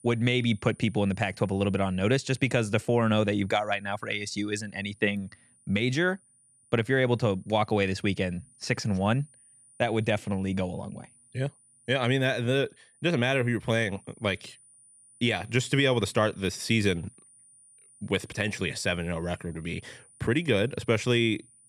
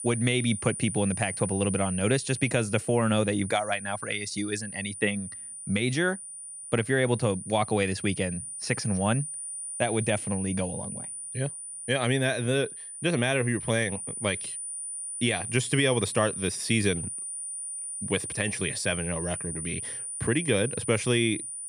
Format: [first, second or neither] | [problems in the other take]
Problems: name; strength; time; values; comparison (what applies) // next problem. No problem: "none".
first | high-pitched whine; loud; throughout; 9.5 kHz, 7 dB below the speech; faint in the first